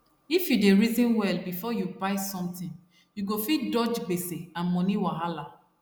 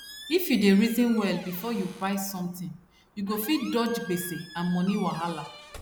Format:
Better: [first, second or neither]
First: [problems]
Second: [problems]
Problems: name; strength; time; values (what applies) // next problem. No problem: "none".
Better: first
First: none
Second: background sound (Squeak); 18 dB below the speech